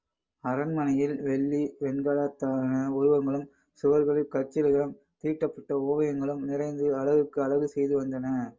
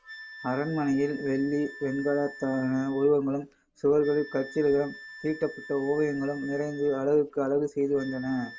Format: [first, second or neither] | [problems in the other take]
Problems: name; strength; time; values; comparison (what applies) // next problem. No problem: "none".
first | background sound (Wind instrument, woodwind instrument); 17 dB below the speech